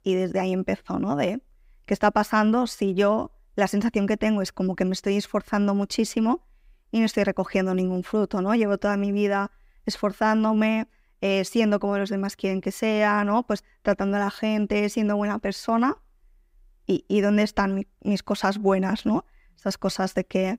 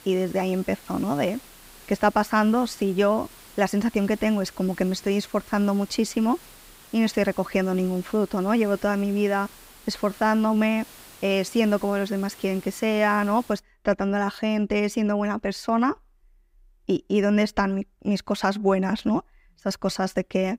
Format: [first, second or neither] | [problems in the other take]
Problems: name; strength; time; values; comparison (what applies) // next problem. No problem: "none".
first | hiss; faint; until 14 s; 20 dB below the speech